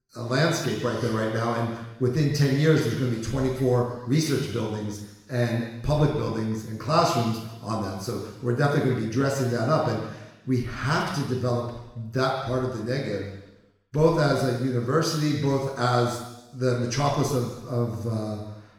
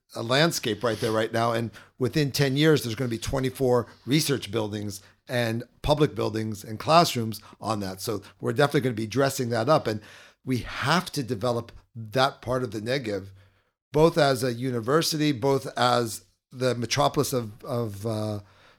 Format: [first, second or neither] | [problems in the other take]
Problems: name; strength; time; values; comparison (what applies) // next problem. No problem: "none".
second | room echo; noticeable; dies away in 1 s // off-mic speech; far